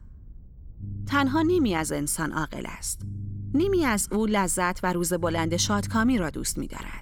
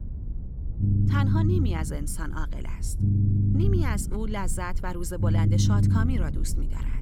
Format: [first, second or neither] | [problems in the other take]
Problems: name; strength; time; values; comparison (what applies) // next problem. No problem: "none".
first | low rumble; loud; throughout; 2 dB below the speech; faint in the first